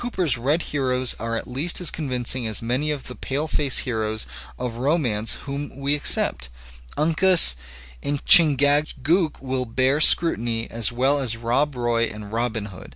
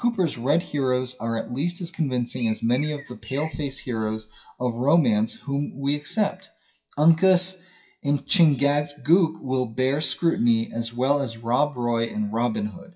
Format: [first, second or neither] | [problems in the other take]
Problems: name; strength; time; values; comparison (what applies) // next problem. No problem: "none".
first | noise reduction (classical method WPE with log-MMSE)